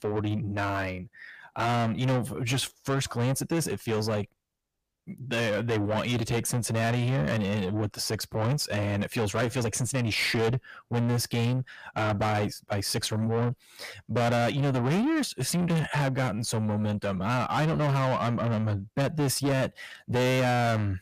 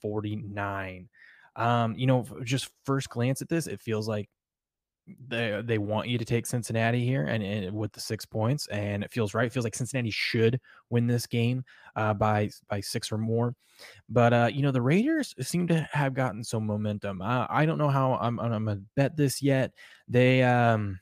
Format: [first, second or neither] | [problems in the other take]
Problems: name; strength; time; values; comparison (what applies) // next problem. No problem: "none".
second | distortion; heavy; 6 dB below the speech